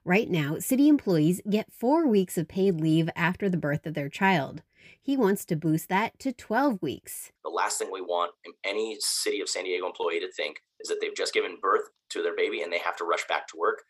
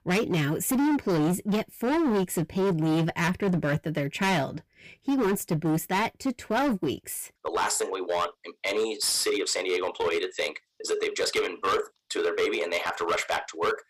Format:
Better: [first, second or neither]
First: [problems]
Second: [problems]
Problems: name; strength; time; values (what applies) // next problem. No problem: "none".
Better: first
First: none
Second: distortion; heavy; 15% of the sound clipped